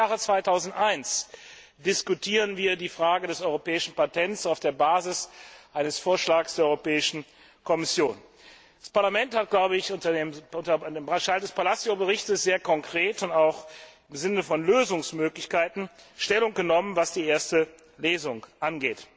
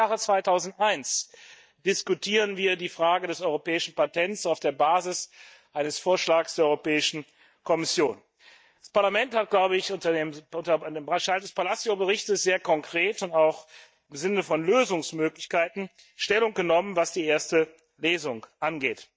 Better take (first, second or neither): first